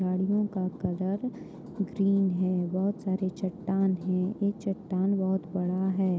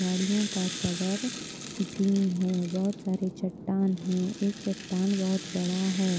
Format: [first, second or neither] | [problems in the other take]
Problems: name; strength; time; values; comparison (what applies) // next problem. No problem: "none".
first | background sound (Rattle (instrument)); 12 dB below the speech